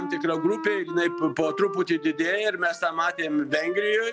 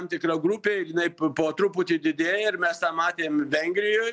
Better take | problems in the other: second | background sound (Wind instrument, woodwind instrument); 11 dB below the speech

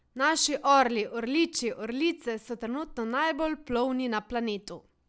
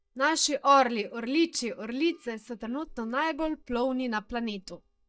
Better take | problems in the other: first | noise reduction (neural mask model DeepFilterNet 3)

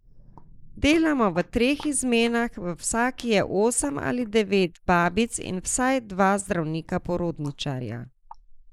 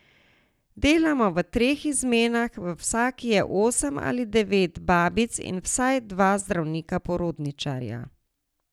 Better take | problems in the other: second | noise reduction (neural mask model Resemble Enhance denoiser)

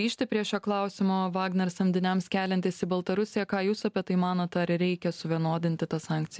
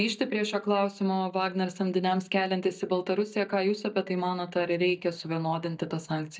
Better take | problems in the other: first | noise reduction (neural mask model DeepFilterNet 3)

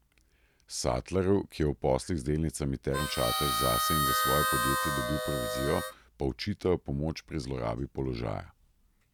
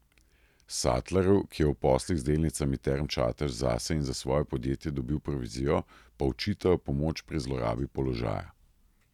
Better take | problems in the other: second | background sound (Harmonica); 2 dB above the speech

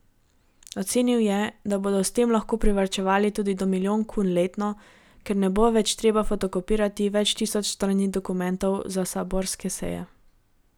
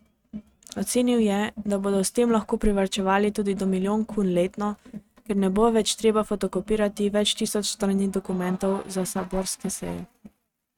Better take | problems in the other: first | noise reduction (neural mask model RNNoise)

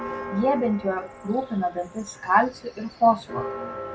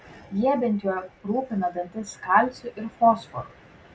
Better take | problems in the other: second | background sound (Church bell); 12 dB below the speech

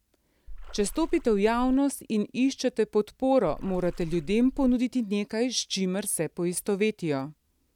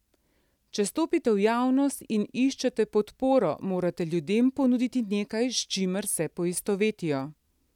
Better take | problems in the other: second | background sound (Water / Splash, splatter); 11 dB below the speech

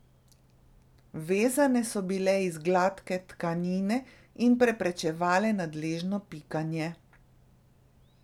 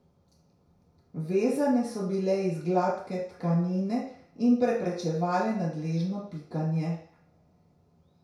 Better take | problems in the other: first | room echo; dies away in 0.6 s

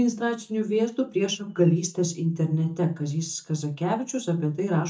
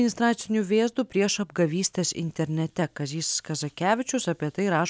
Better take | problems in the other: second | noise reduction (neural mask model DeepFilterNet 3)

